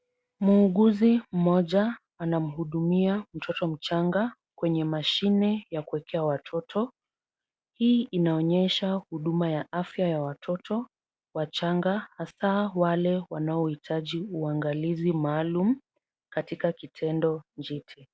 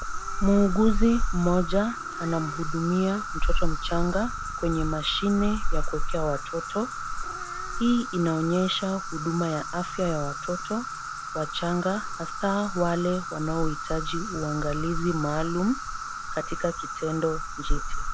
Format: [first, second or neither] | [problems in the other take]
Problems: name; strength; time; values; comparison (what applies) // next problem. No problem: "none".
first | background sound (Insect + Meow / Purr); 1 dB below the speech